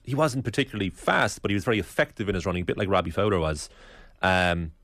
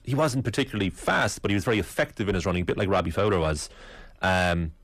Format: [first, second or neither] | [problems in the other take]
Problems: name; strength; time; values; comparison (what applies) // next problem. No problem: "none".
first | distortion; slight; 10 dB below the speech